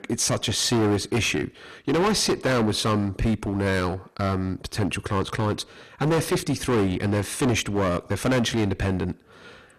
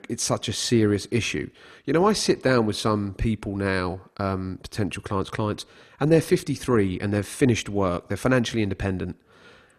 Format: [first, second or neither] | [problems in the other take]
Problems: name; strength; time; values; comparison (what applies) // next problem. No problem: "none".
second | distortion; heavy; 15% of the sound clipped